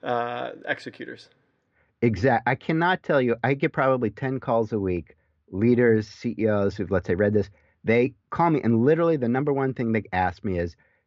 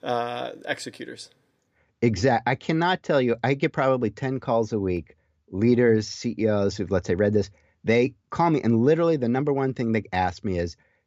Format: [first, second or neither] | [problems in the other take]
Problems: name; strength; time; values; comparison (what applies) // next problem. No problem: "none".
second | muffled; slightly; fading above 3 kHz